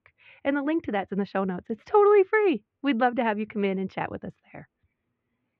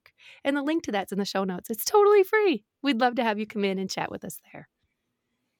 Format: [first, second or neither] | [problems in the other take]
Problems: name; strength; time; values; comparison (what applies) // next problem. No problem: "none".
second | muffled; very; fading above 2.5 kHz